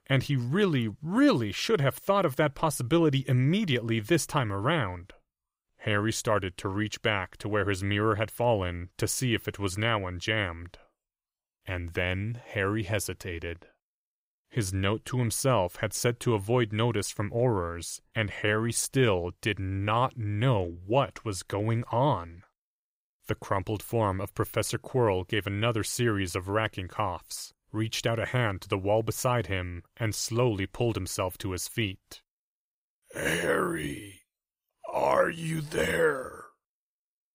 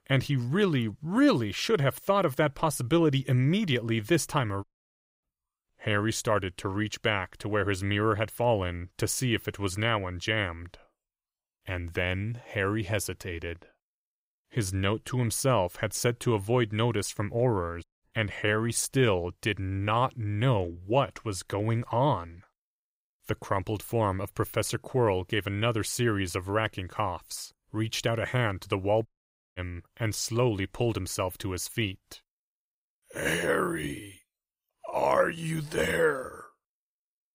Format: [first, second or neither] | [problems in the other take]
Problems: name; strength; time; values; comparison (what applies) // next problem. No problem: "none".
first | audio cutting out; at 4.5 s for 0.5 s, at 18 s and at 29 s for 0.5 s